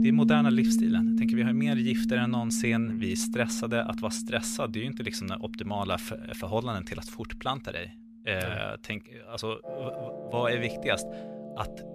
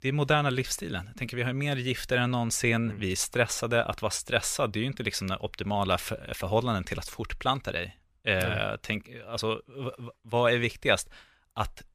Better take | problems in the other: second | background music; very loud; throughout; 3 dB above the speech

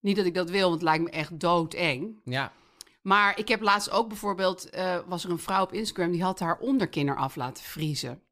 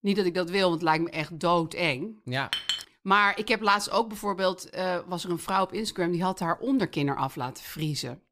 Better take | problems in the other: first | clattering dishes; noticeable; at 2.5 s; peak 1 dB below the speech

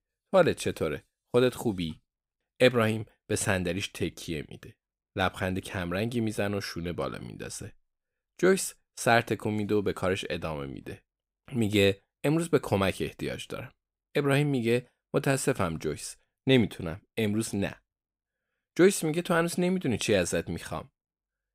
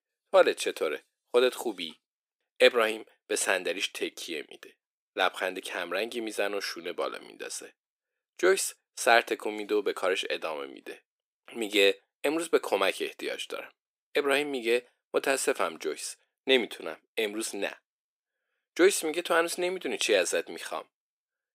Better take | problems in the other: first | thin; somewhat; fading below 350 Hz

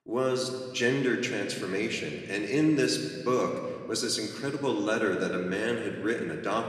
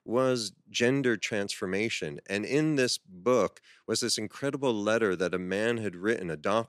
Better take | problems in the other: second | room echo; slight; dies away in 1.6 s // off-mic speech; somewhat distant

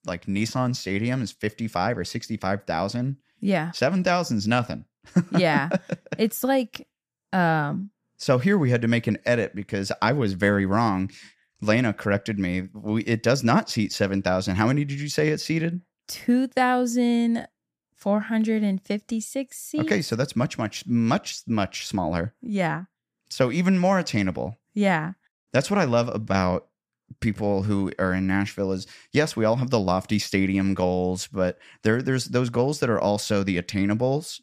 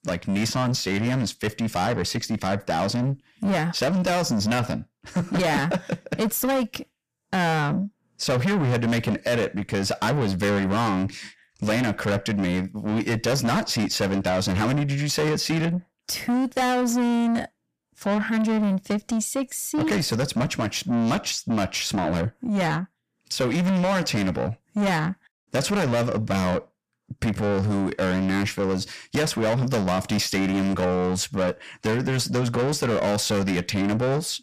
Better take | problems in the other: first | distortion; heavy; 6 dB below the speech

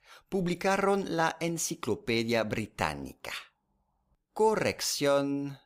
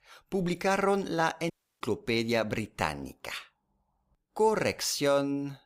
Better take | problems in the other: first | audio cutting out; at 1.5 s

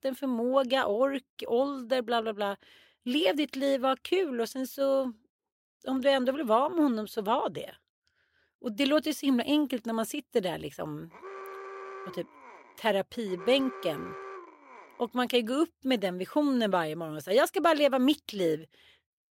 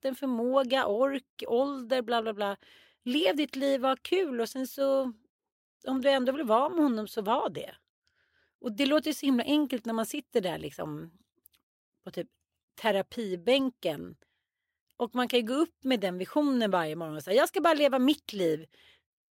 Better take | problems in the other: second | alarm; faint; from 11 to 15 s; peak 15 dB below the speech

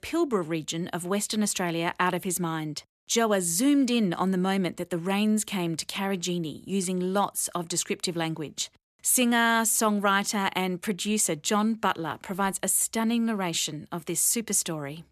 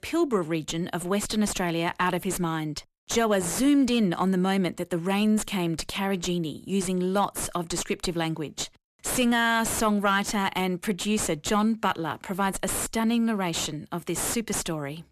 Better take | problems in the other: first | distortion; slight; 6 dB below the speech

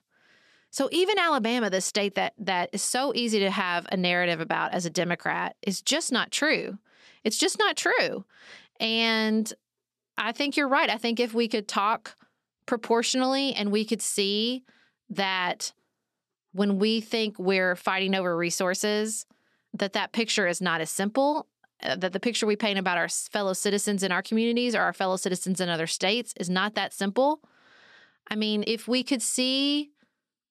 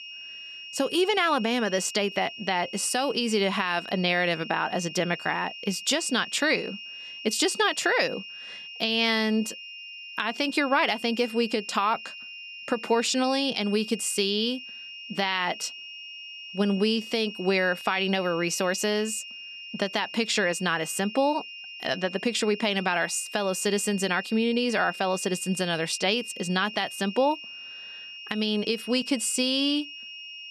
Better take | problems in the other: first | high-pitched whine; noticeable; throughout; 3 kHz, 10 dB below the speech

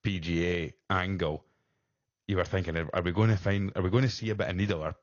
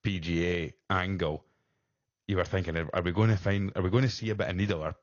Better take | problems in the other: neither | garbled, watery; slightly; nothing above 6.5 kHz; the same in both

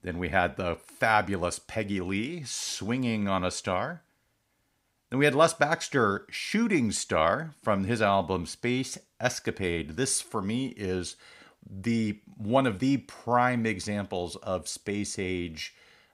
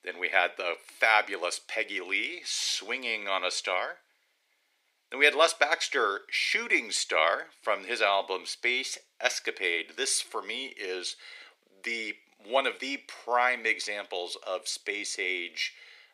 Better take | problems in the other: first | thin; very; fading below 350 Hz

